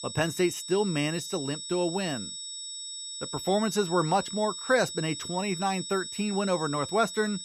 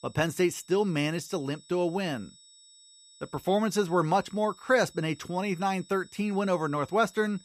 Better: second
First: high-pitched whine; loud; throughout; 8 kHz, 7 dB below the speech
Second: high-pitched whine; faint; throughout; 8 kHz, 25 dB below the speech

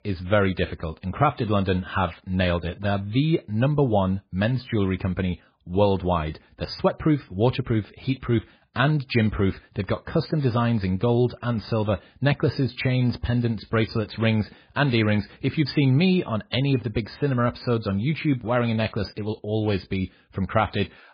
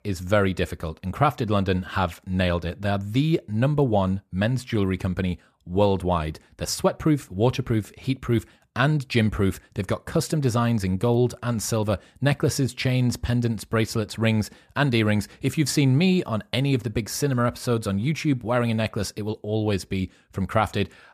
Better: second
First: garbled, watery; badly; nothing above 5 kHz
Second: none

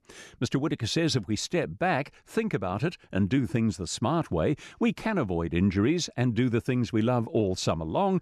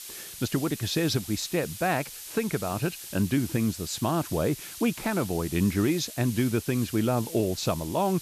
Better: first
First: none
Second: hiss; noticeable; throughout; 10 dB below the speech

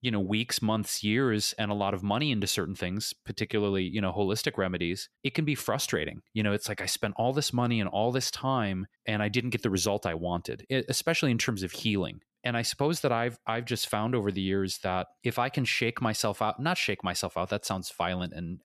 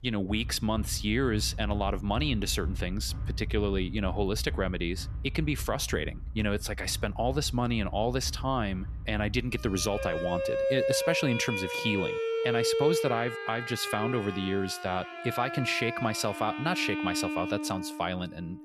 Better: first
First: none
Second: background music; loud; throughout; 4 dB below the speech

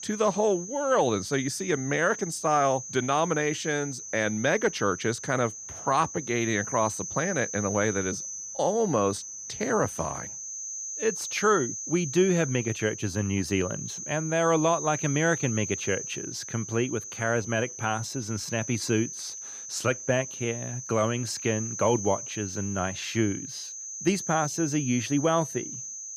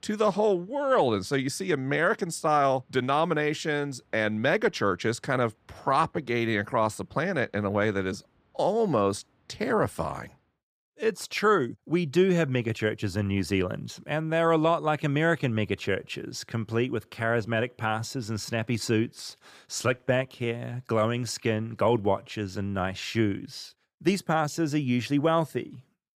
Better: second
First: high-pitched whine; loud; throughout; 6 kHz, 7 dB below the speech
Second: none

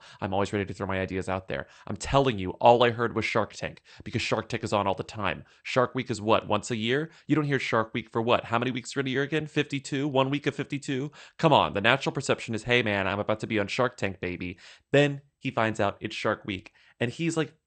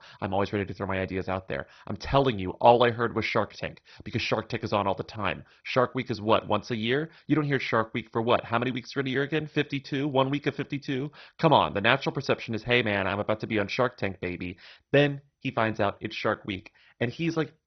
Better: first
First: garbled, watery; slightly; nothing above 8.5 kHz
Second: garbled, watery; badly; nothing above 6 kHz

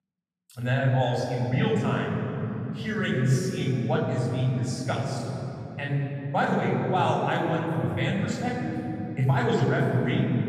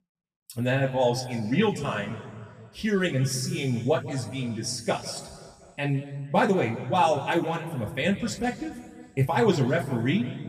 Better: second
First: room echo; strong; dies away in 3 s // off-mic speech; far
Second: room echo; slight; dies away in 1.7 s // off-mic speech; somewhat distant

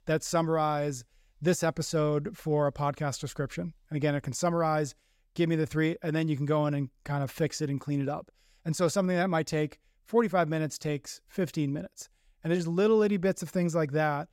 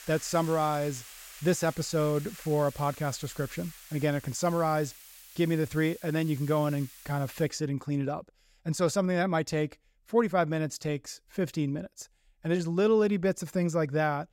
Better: first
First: none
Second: hiss; noticeable; until 7.5 s; 15 dB below the speech

